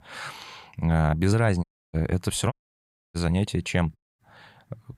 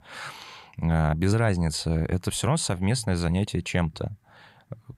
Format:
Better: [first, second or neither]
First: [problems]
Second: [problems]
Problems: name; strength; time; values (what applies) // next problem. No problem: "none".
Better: second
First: audio cutting out; at 1.5 s, at 2.5 s for 0.5 s and at 4 s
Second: none